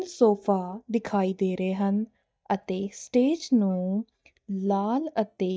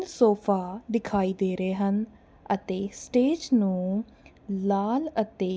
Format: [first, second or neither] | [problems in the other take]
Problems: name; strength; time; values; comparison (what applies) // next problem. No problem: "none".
second | noise reduction (neural mask model DeepFilterNet 3)